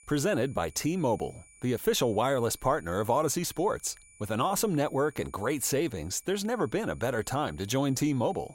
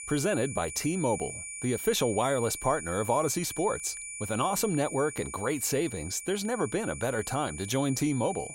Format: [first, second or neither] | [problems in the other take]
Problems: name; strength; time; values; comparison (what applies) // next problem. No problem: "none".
first | high-pitched whine; loud; throughout; 9.5 kHz, 9 dB below the speech; faint in the first